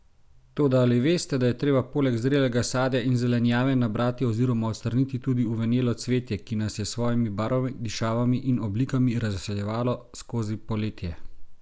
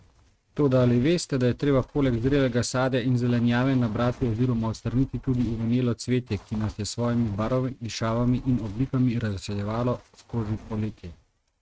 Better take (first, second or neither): first